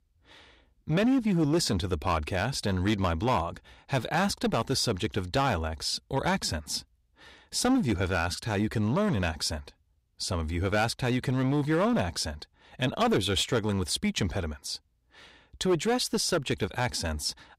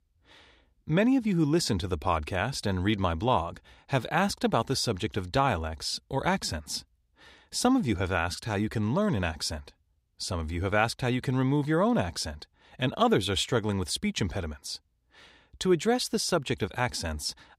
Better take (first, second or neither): second